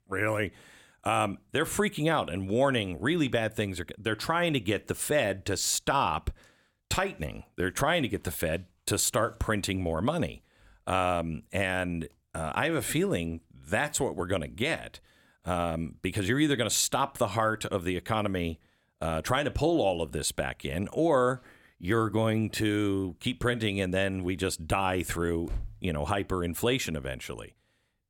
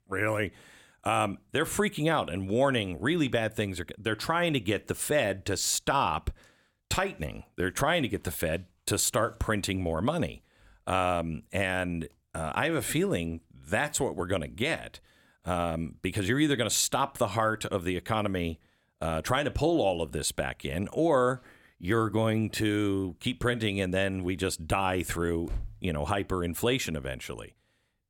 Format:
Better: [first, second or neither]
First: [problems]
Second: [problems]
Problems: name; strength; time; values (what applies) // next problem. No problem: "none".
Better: neither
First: none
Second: none